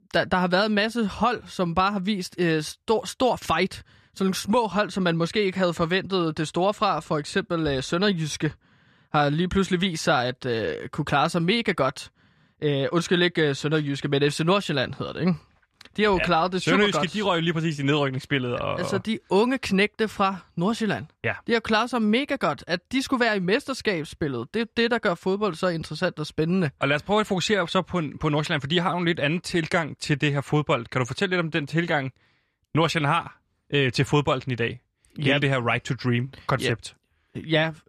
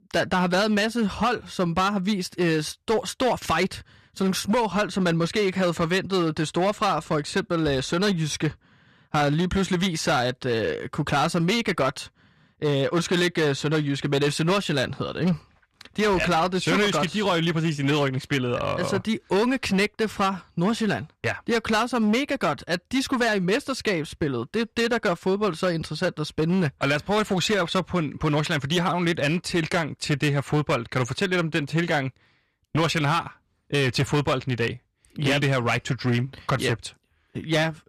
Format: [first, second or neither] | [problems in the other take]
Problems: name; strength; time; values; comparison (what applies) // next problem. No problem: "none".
first | distortion; slight; 10% of the sound clipped